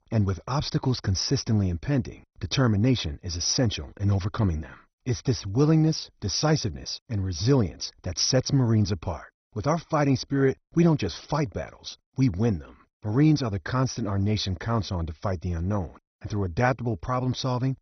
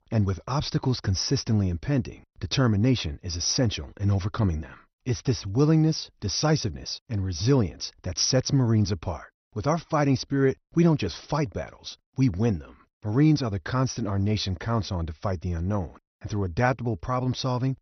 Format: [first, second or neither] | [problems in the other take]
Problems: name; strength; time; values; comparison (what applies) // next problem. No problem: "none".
second | garbled, watery; badly; nothing above 6 kHz; slightly in the second